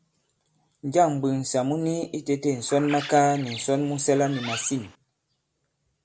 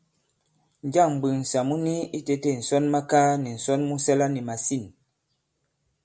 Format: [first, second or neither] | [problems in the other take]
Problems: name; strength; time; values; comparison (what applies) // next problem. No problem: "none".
second | background sound (Bird); 13 dB below the speech